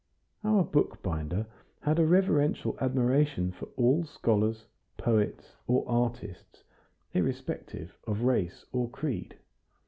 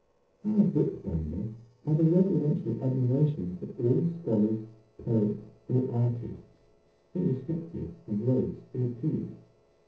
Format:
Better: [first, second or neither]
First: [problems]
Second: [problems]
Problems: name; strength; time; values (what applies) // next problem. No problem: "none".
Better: first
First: none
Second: noise reduction (neural separator model SepFormer DNS4)